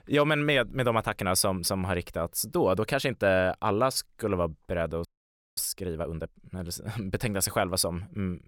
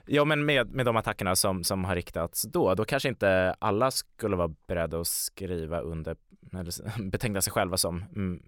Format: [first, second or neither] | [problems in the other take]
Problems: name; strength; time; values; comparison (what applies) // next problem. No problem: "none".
second | audio freezing; at 5 s for 0.5 s